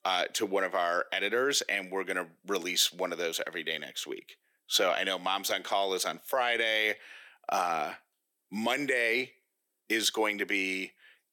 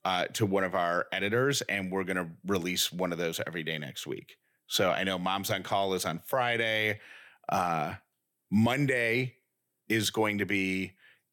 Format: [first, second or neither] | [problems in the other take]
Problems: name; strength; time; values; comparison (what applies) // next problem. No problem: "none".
second | thin; somewhat; fading below 300 Hz